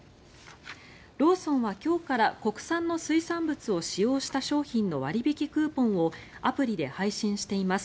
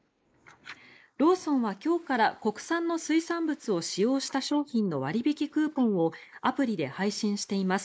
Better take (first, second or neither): first